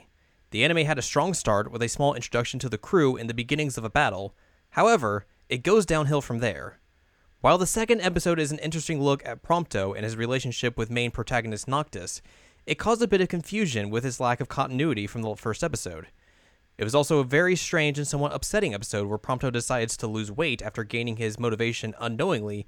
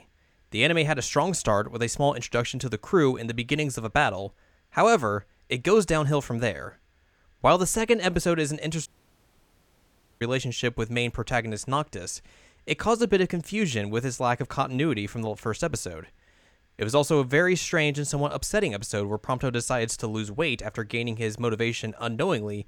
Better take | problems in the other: first | audio cutting out; at 9 s for 1.5 s

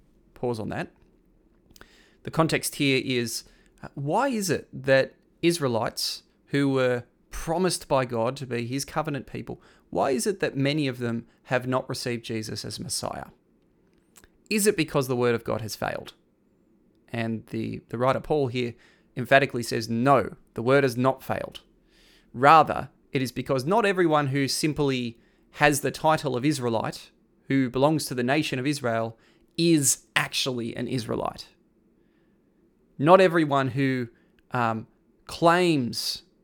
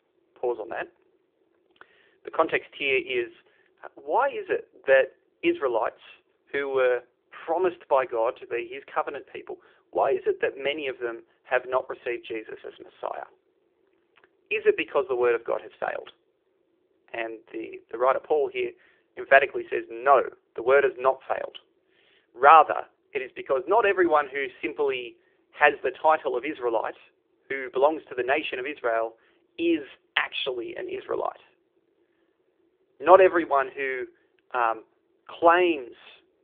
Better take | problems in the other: first | phone-call audio; nothing above 3.5 kHz

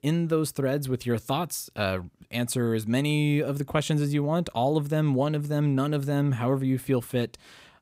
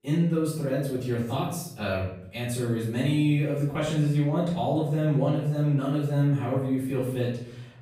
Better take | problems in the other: first | off-mic speech; far // room echo; noticeable; dies away in 0.7 s

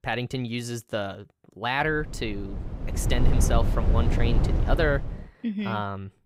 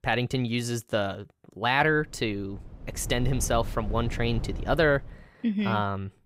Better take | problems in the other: second | low rumble; loud; from 2 to 5 s; 7 dB below the speech; faint in the second

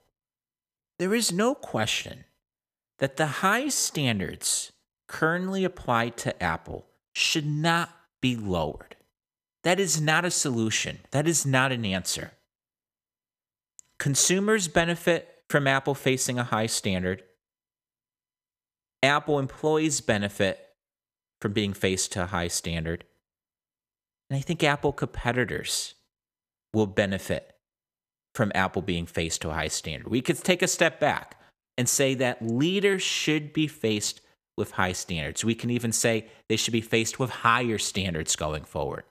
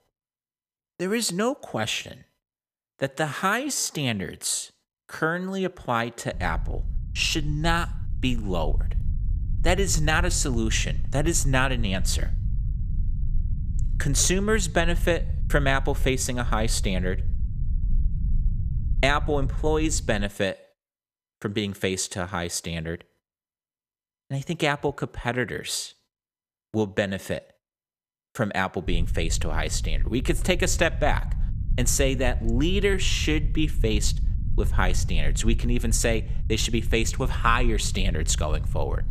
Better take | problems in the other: first | low rumble; faint; from 6.5 to 20 s and from 29 s on; 20 dB below the speech

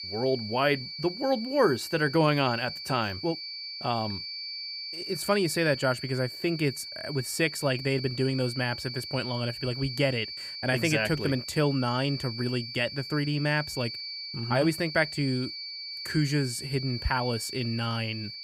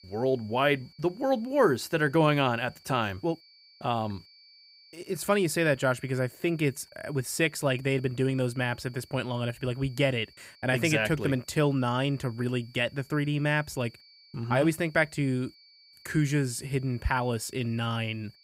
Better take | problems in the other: second | high-pitched whine; loud; throughout; 4.5 kHz, 8 dB below the speech; faint in the second

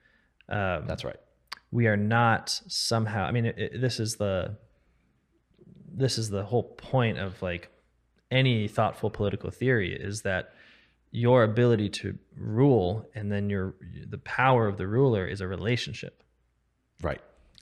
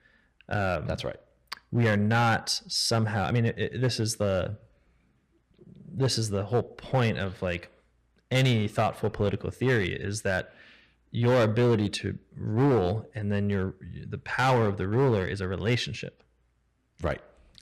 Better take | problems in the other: first | distortion; slight; 5% of the sound clipped

